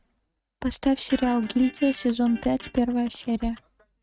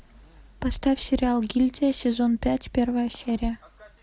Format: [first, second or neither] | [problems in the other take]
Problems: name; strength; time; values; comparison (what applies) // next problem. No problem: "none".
second | noise reduction (neural mask model RNNoise)